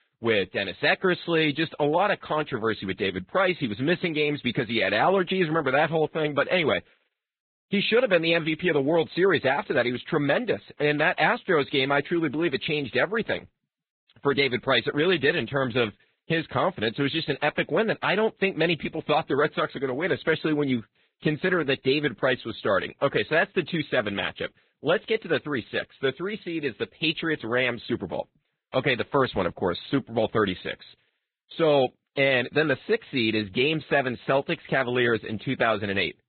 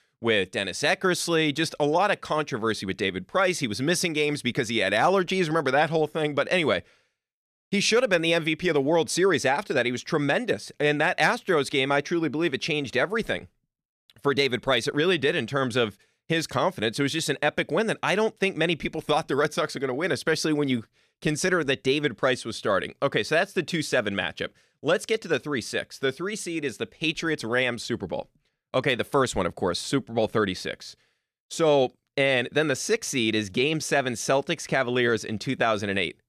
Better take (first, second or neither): second